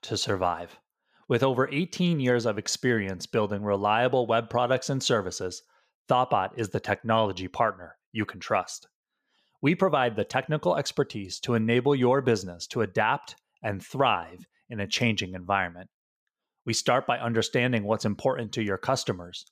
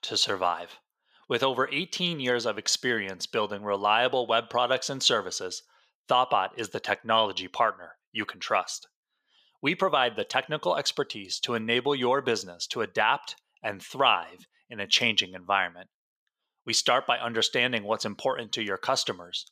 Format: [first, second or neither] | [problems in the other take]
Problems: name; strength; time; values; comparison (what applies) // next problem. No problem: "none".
first | thin; somewhat; fading below 550 Hz